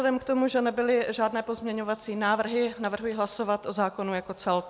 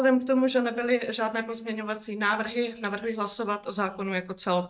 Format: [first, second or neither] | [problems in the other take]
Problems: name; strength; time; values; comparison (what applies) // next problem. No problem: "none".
first | noise reduction (neural mask model DeepFilterNet 3)